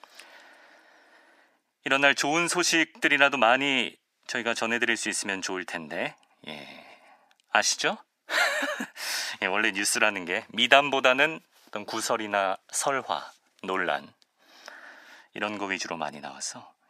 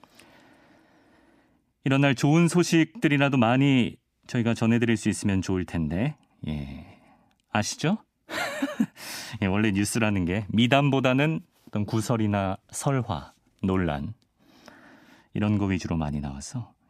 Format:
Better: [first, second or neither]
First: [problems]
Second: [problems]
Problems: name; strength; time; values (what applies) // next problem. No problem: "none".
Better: second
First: thin; very; fading below 600 Hz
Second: none